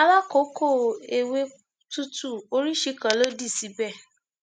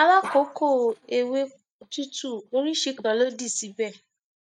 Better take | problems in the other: first | noise reduction (neural mask model DeepFilterNet 3)

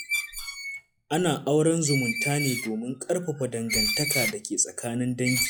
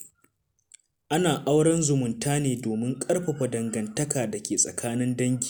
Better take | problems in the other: second | noise reduction (classical method log-MMSE)

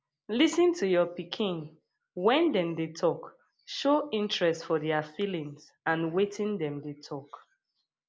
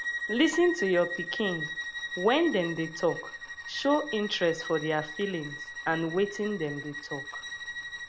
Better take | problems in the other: first | background sound (Bowed string instrument); 8 dB below the speech

